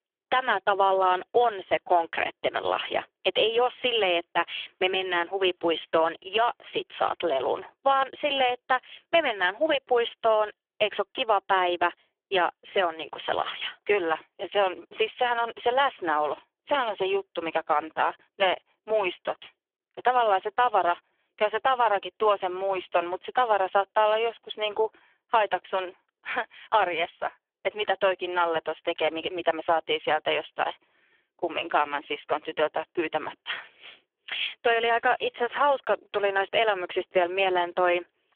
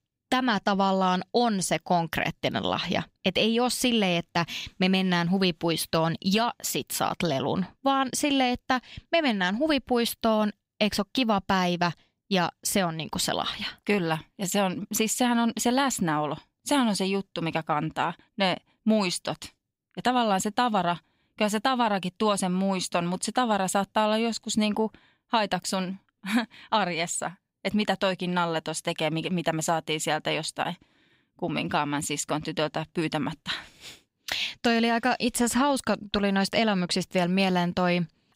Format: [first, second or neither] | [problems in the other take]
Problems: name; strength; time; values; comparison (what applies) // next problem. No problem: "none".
second | phone-call audio; poor line; nothing above 3.5 kHz